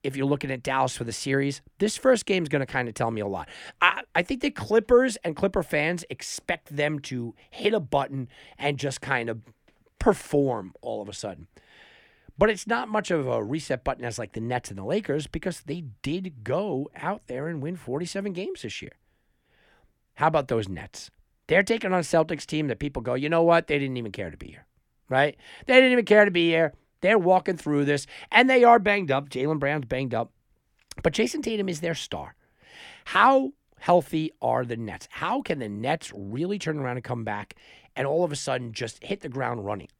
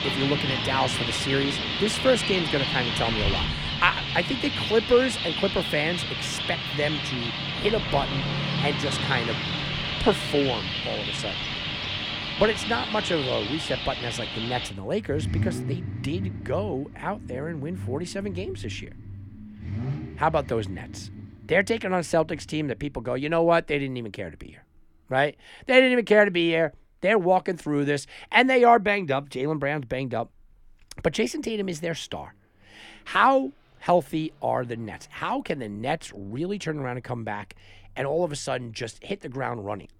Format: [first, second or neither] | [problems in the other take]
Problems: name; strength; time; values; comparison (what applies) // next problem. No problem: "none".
first | traffic noise; loud; throughout; 3 dB below the speech